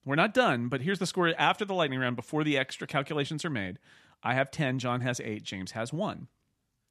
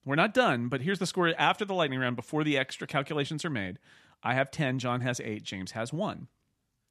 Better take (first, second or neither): neither